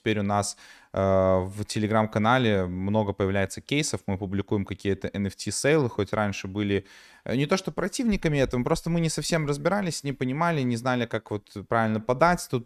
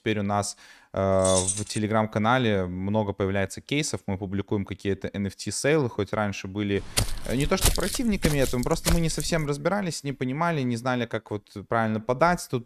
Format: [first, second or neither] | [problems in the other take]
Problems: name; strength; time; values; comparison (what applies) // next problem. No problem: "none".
first | jangling keys; loud; at 1 s; peak 2 dB above the speech // footsteps; loud; from 7 to 9.5 s; peak 2 dB above the speech